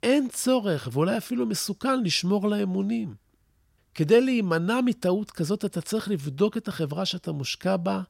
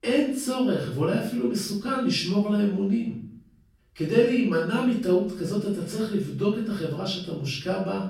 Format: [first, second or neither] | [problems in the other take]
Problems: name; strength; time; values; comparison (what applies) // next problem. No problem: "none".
first | off-mic speech; far // room echo; noticeable; dies away in 0.5 s